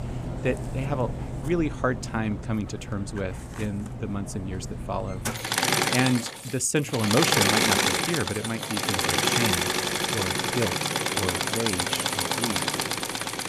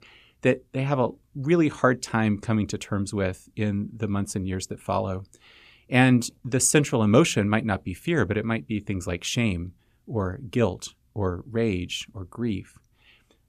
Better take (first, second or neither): second